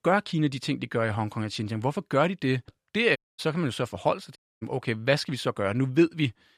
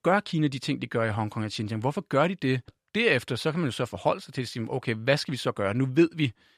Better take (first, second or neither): second